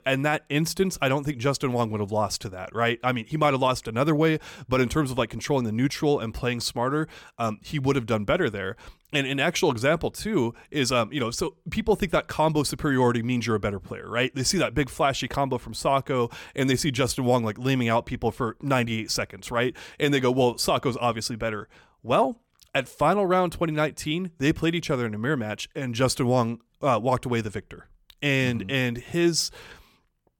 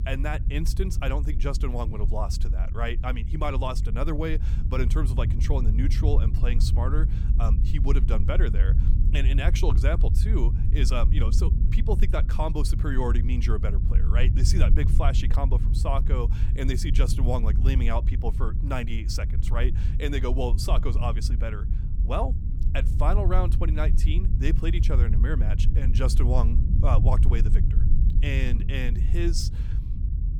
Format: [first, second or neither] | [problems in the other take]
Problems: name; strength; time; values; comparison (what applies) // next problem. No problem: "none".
first | low rumble; loud; throughout; 9 dB below the speech